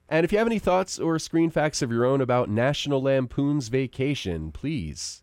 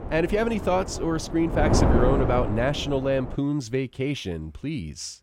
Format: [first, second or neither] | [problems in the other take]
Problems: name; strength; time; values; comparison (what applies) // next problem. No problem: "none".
first | wind noise on the microphone; heavy; until 3.5 s; 4 dB below the speech